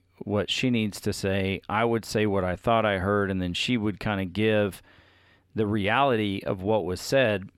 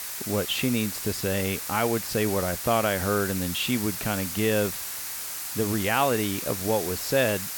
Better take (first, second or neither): first